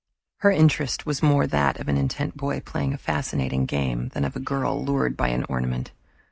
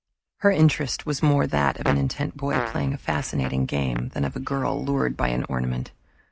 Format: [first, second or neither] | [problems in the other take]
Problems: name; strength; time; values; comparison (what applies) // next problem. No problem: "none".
first | background sound (Fart); 11 dB below the speech